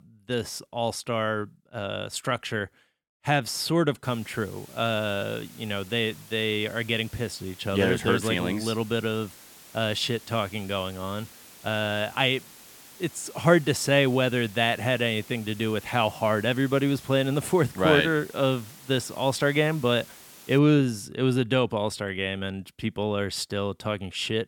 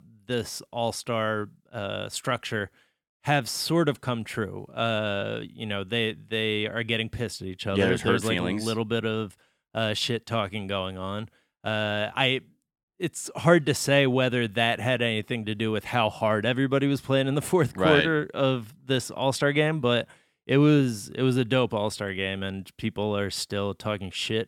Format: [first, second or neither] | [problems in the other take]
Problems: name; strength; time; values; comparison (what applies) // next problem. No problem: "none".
second | hiss; faint; from 4 to 21 s; 20 dB below the speech